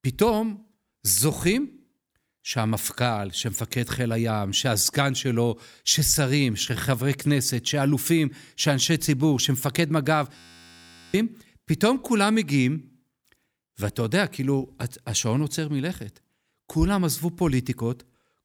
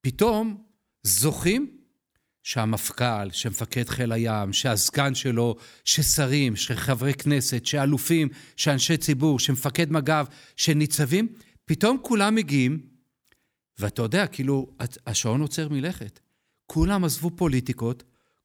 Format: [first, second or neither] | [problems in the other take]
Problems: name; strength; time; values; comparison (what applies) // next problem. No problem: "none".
second | audio freezing; at 10 s for 1 s